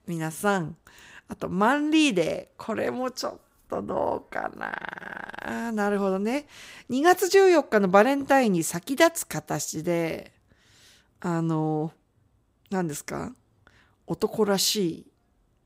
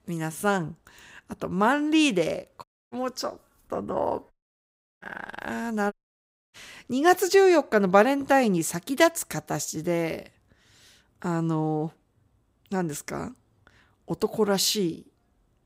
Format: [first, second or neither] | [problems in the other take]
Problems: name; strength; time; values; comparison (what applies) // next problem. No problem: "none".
first | audio cutting out; at 2.5 s, at 4.5 s for 0.5 s and at 6 s for 0.5 s